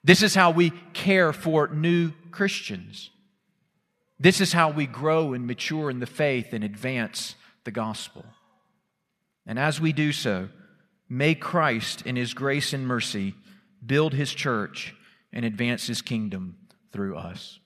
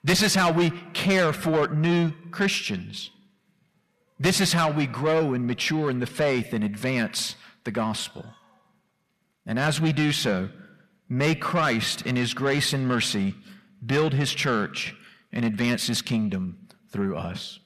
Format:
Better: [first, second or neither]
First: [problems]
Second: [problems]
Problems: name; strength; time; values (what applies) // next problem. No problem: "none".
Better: first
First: none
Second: distortion; heavy; 6 dB below the speech